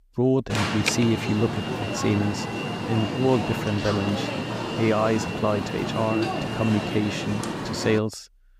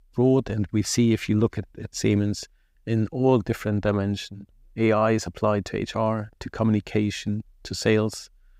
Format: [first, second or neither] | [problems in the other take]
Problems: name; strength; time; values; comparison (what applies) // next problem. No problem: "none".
second | alarm; loud; until 8 s; peak 2 dB above the speech